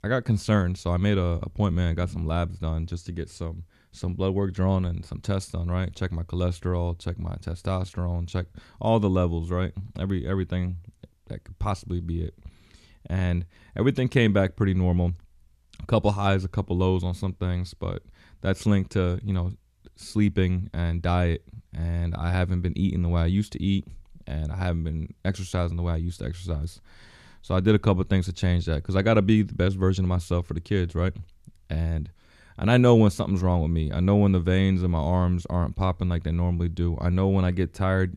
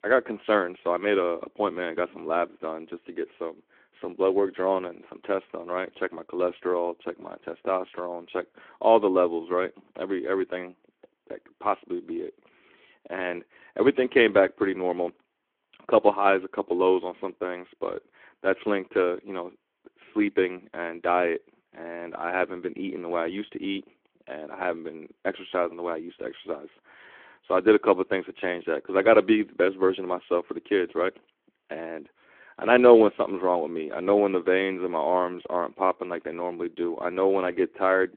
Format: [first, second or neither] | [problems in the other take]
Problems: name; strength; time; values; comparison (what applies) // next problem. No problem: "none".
first | phone-call audio